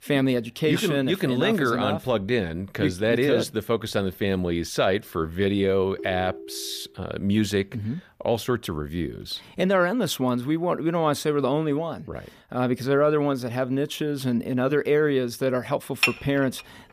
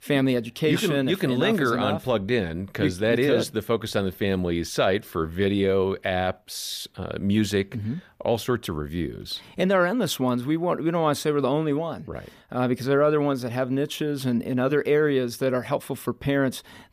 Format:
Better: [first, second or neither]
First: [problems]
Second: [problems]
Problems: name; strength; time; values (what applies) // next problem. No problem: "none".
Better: second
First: phone ringing; faint; at 6 s; peak 10 dB below the speech // clattering dishes; loud; at 16 s; peak 1 dB above the speech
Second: none